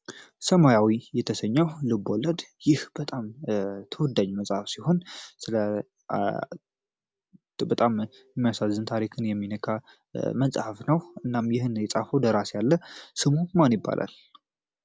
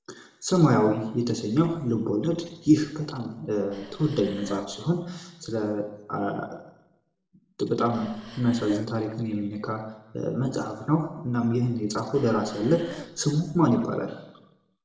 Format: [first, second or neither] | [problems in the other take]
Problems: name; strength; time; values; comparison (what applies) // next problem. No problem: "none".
first | noise reduction (neural separator model SepFormer DNS4)